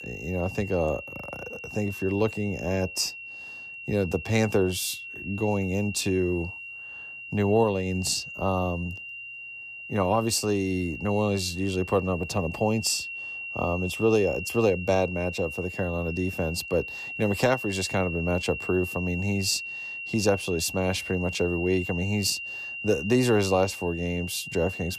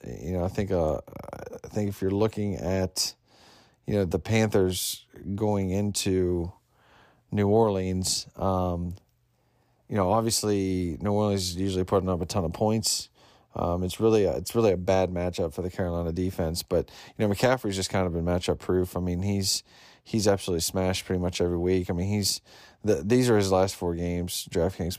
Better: second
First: high-pitched whine; loud; throughout; 2.5 kHz, 8 dB below the speech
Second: none

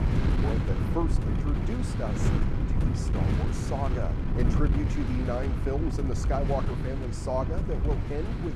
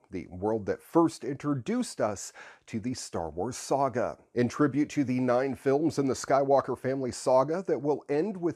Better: second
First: wind noise on the microphone; heavy; 2 dB below the speech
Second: none

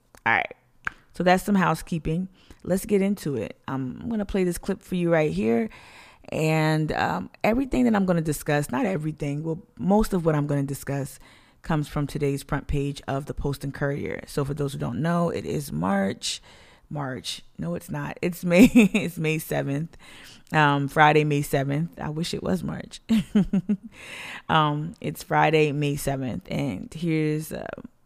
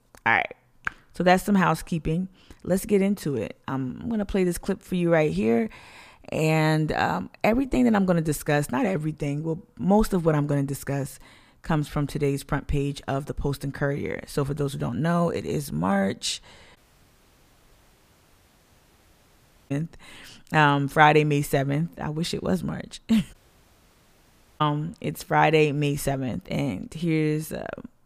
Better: first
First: none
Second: audio cutting out; at 17 s for 3 s and at 23 s for 1.5 s

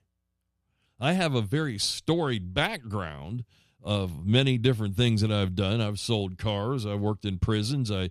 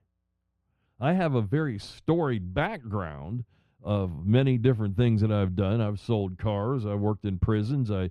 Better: first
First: none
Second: muffled; very; fading above 3 kHz

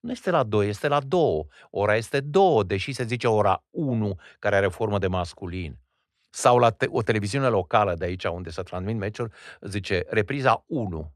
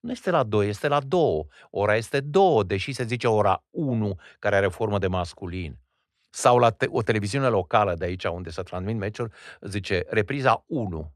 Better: neither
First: none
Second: none

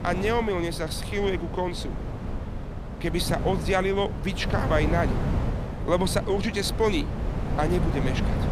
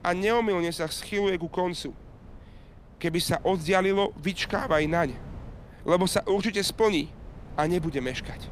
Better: second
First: wind noise on the microphone; heavy; 9 dB below the speech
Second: wind noise on the microphone; occasional gusts; 25 dB below the speech

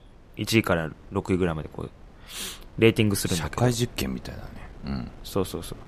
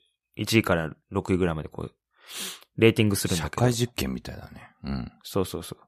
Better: second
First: wind noise on the microphone; occasional gusts; 25 dB below the speech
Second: none

